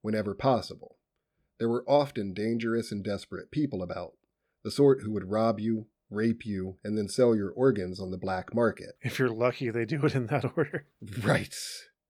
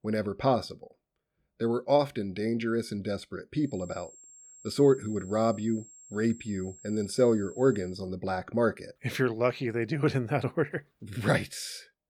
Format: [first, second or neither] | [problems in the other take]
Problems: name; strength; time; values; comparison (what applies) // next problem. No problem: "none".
first | high-pitched whine; faint; from 3.5 to 8 s; 7.5 kHz, 20 dB below the speech